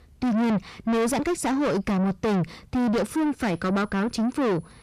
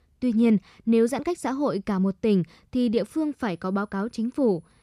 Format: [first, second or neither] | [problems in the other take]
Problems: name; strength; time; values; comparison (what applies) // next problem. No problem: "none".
second | distortion; heavy; 6 dB below the speech